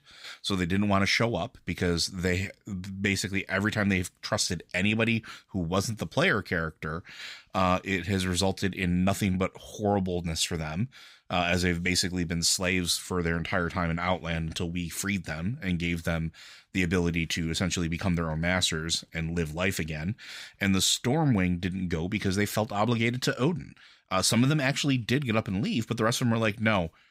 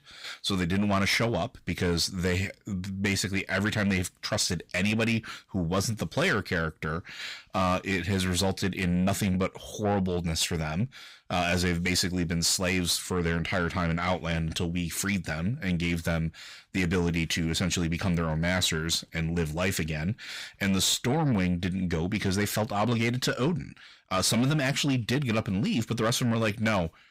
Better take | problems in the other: first | distortion; slight; 10 dB below the speech

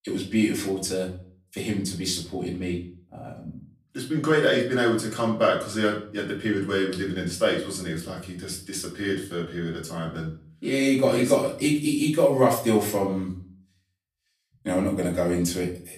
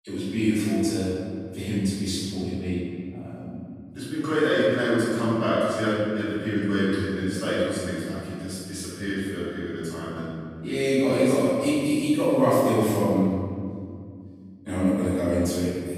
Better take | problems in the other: first | room echo; strong; dies away in 2.3 s; slight in the first // off-mic speech; far; far in the first

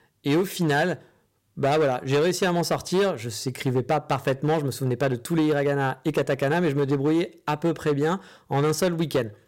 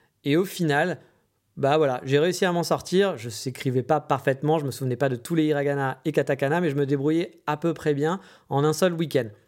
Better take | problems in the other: second | distortion; slight; 10% of the sound clipped

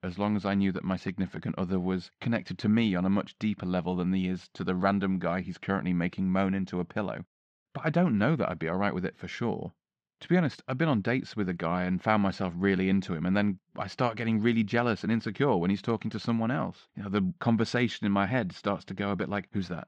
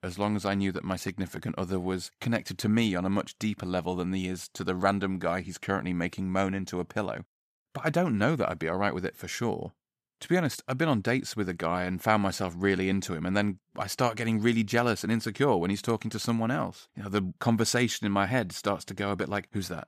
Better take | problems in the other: second | muffled; very slightly; fading above 4 kHz

